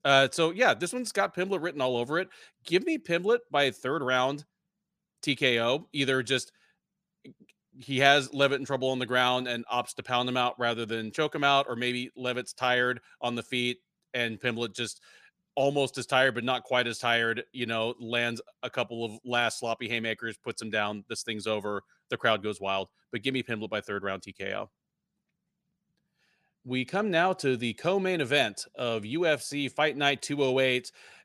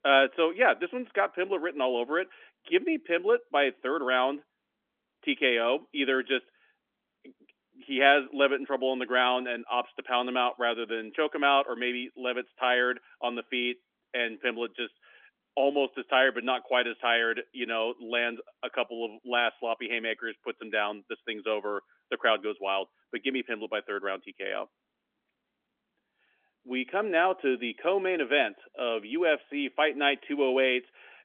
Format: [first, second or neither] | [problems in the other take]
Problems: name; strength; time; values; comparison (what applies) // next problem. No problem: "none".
first | phone-call audio; nothing above 3.5 kHz